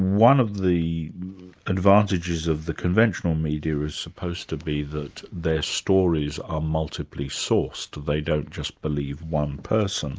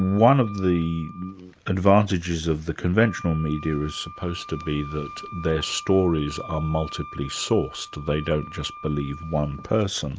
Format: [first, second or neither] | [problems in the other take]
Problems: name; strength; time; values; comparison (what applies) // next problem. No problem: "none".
first | background sound (Wind instrument, woodwind instrument); 17 dB below the speech